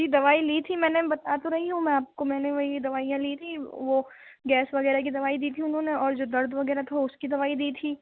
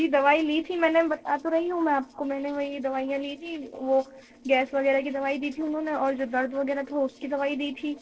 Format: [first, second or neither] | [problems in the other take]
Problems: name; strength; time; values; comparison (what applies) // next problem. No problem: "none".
first | noise reduction (neural separator model SepFormer DNS4)